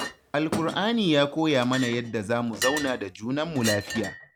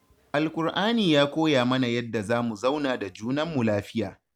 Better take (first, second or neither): second